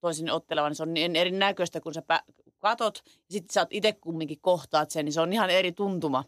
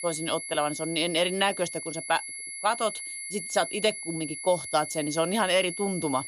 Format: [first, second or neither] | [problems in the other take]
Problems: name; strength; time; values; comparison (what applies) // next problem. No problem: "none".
first | high-pitched whine; loud; throughout; 11 kHz, 7 dB below the speech